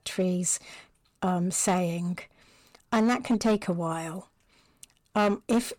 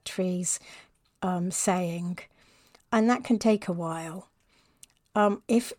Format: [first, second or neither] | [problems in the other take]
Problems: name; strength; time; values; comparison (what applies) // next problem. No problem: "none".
second | distortion; slight; 4% of the sound clipped